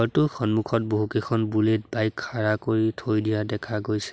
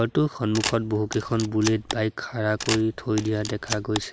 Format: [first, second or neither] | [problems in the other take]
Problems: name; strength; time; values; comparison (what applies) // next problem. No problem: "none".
first | background sound (Camera); 9 dB below the speech